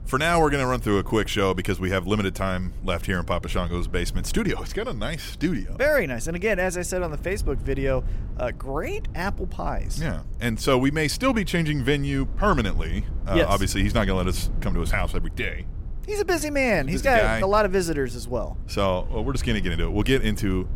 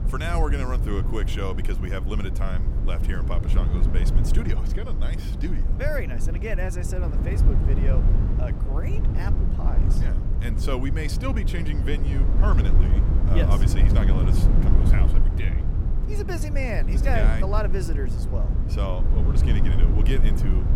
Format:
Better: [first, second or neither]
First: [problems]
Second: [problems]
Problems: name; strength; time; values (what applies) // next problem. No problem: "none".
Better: first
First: low rumble; faint; throughout; 25 dB below the speech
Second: low rumble; loud; throughout; 4 dB below the speech